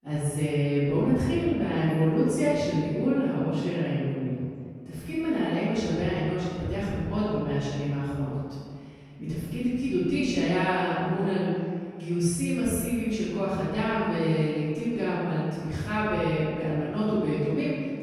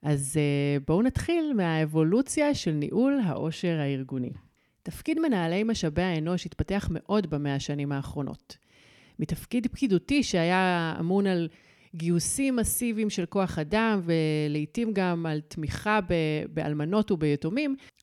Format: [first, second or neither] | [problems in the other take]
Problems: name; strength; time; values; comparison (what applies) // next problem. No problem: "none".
second | off-mic speech; far // room echo; strong; dies away in 1.9 s